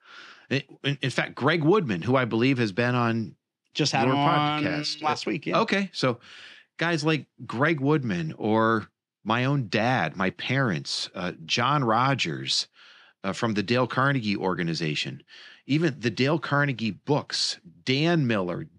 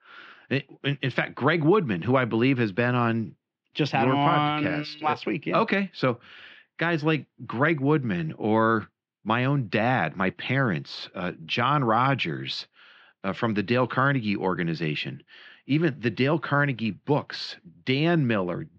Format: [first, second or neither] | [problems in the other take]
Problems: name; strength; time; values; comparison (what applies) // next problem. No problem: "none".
first | muffled; slightly; fading above 3 kHz